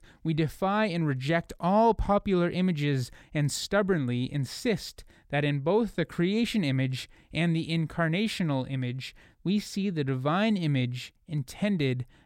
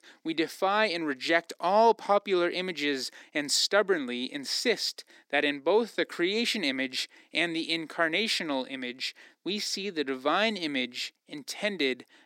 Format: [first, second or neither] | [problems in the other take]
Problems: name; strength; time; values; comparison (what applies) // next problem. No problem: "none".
first | thin; somewhat; fading below 250 Hz